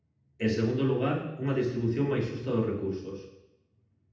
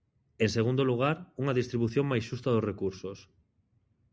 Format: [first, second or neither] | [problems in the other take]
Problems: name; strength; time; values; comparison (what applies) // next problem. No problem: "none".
second | room echo; dies away in 0.8 s